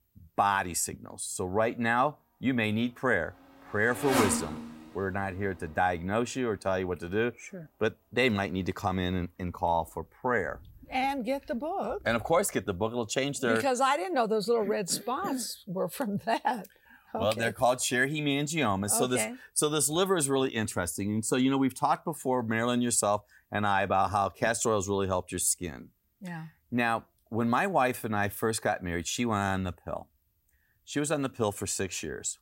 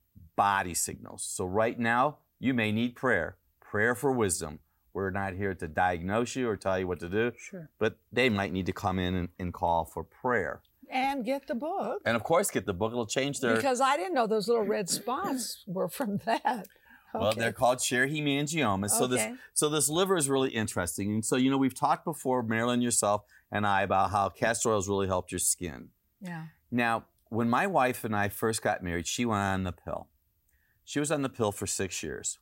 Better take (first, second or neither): second